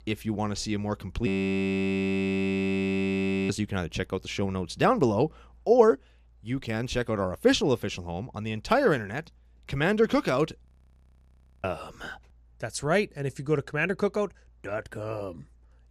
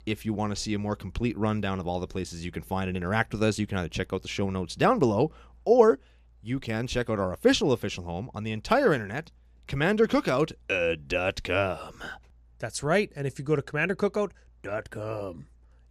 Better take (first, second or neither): second